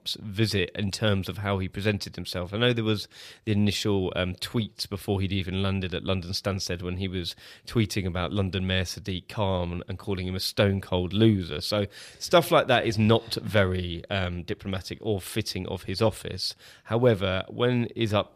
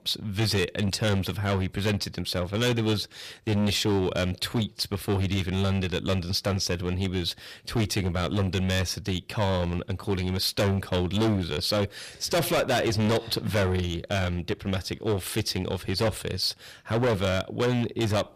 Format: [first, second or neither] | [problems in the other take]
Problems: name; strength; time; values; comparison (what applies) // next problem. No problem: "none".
first | distortion; heavy; 13% of the sound clipped